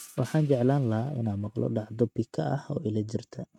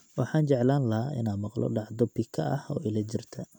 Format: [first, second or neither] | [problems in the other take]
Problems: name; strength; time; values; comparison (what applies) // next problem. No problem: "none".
second | noise reduction (neural mask model RNNoise)